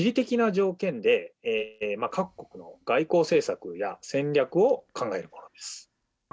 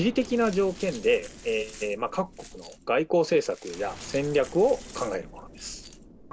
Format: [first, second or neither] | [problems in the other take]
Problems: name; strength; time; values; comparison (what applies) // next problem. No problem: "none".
first | background sound (Glass + Explosion); 17 dB below the speech